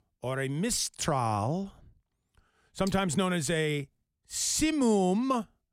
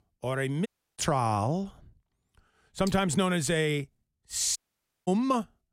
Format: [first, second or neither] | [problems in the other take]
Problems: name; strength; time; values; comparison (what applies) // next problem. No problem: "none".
first | audio cutting out; at 0.5 s and at 4.5 s for 0.5 s